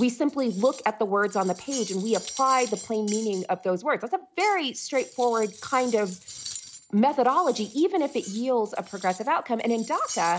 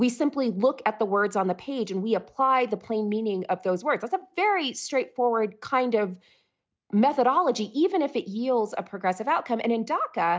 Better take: second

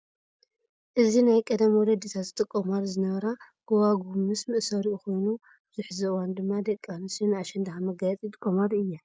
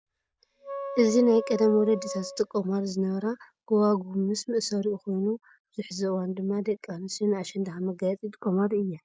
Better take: first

